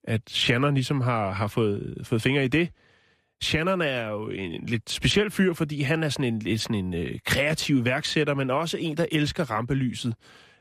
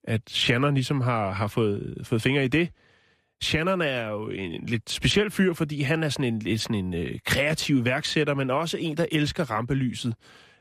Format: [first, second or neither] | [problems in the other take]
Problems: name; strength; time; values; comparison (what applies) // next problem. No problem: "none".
neither | none